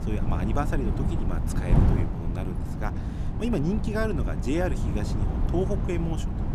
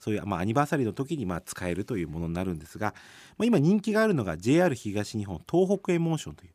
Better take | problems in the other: second | wind noise on the microphone; heavy; 4 dB below the speech

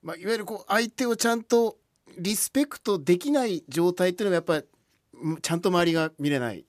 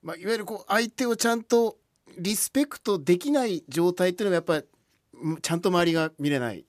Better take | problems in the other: neither | none

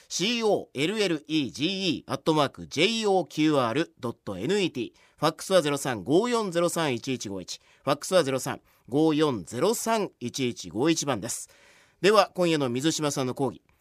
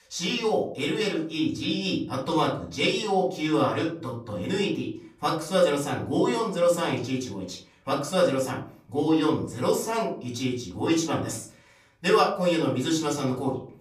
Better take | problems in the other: first | off-mic speech; far // room echo; slight; dies away in 0.4 s

